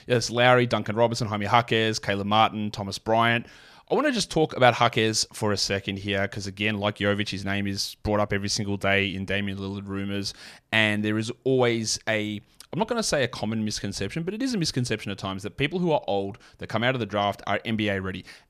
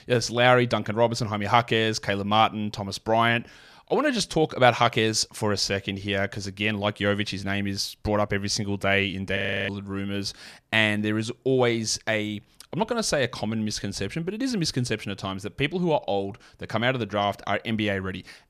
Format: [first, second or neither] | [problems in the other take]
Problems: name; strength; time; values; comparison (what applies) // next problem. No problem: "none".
first | audio freezing; at 9.5 s